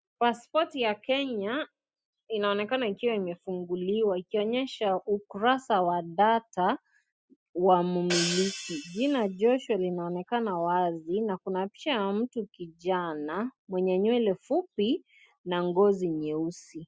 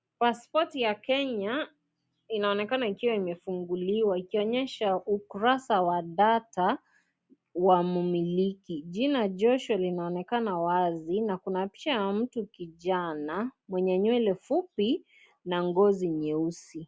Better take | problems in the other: second | noise reduction (classical method spectral subtraction)

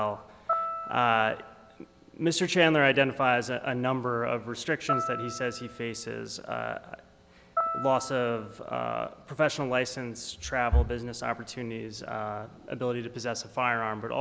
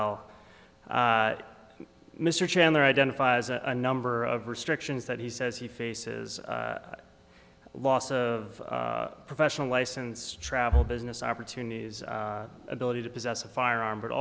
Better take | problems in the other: second | background sound (Piano); 7 dB below the speech

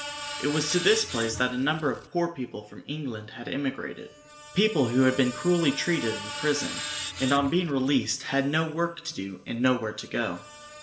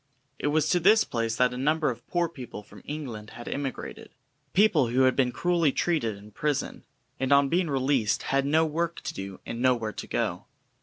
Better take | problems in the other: second | background sound (Screech); 12 dB below the speech // room echo; dies away in 1.7 s

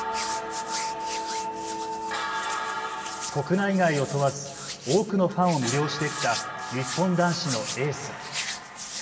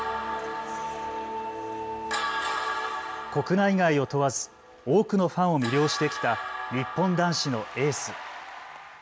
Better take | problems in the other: second | background sound (Hands); 10 dB below the speech // room echo; dies away in 2 s

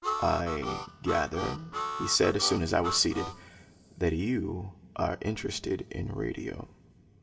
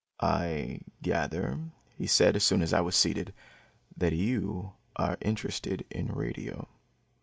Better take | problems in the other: second | background sound (Harmonica); 5 dB below the speech // room echo; dies away in 0.6 s

